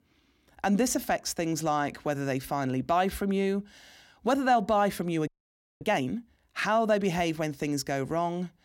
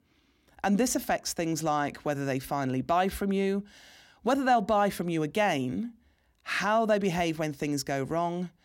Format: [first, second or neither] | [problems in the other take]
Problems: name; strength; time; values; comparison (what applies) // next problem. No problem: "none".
second | audio freezing; at 5.5 s for 0.5 s